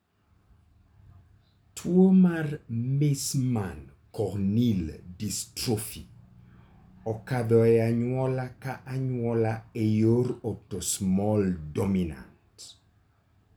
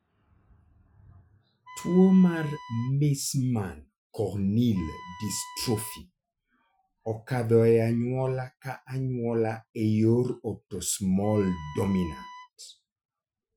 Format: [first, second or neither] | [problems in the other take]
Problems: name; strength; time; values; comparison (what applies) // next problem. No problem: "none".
first | noise reduction (classical method Wiener filter)